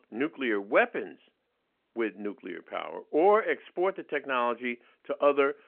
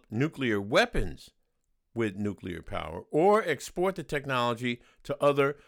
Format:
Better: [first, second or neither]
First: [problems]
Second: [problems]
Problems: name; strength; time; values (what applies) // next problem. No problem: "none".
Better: second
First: phone-call audio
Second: none